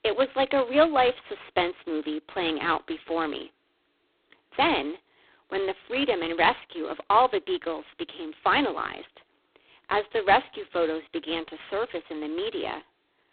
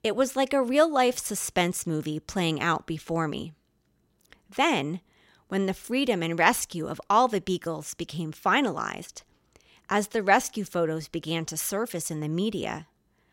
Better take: second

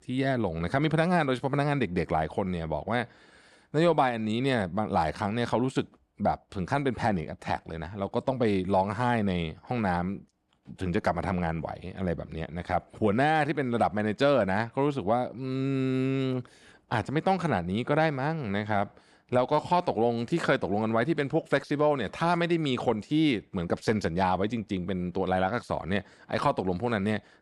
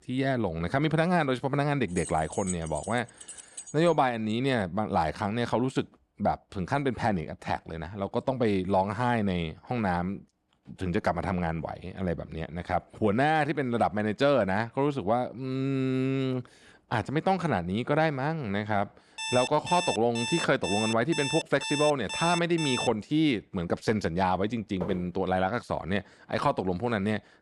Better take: first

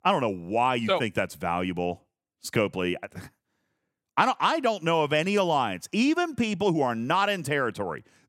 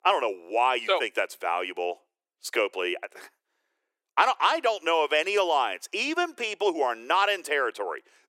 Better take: first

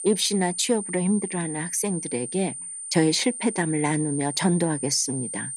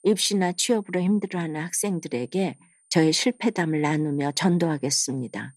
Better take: second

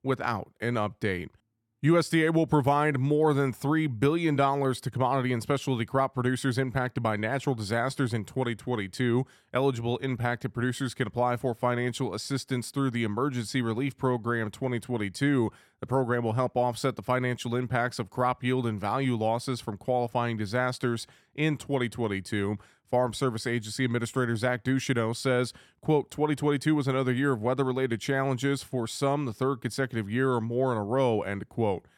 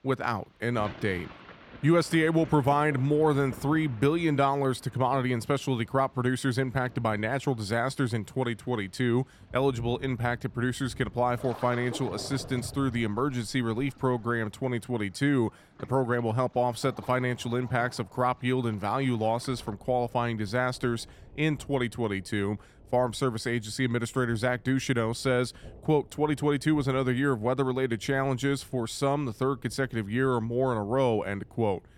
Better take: first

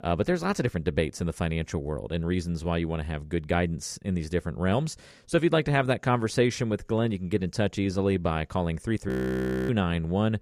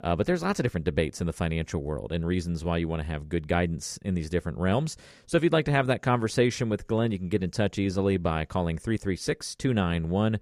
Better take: second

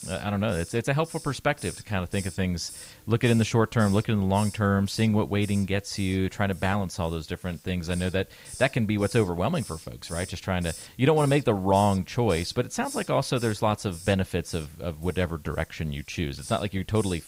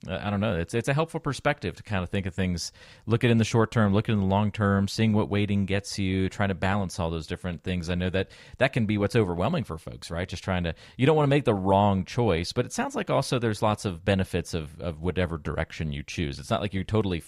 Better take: second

